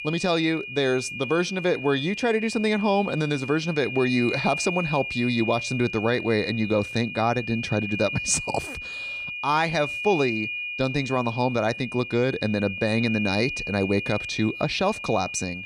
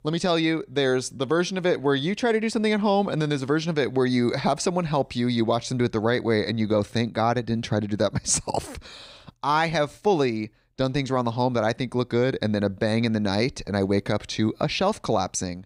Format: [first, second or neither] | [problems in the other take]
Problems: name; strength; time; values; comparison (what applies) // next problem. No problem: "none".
second | high-pitched whine; loud; throughout; 2.5 kHz, 6 dB below the speech